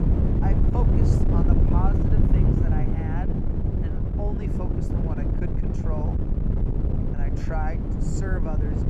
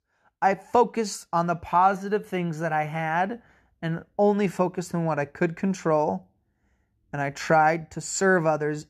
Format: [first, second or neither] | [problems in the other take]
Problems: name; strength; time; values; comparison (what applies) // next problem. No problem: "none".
second | wind noise on the microphone; heavy; 3 dB above the speech